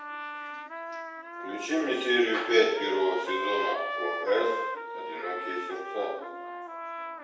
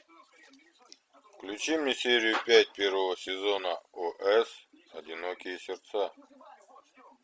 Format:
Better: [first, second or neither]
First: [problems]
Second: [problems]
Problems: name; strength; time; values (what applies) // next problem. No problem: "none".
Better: second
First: background sound (Trumpet); 5 dB below the speech // room echo; dies away in 0.8 s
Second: none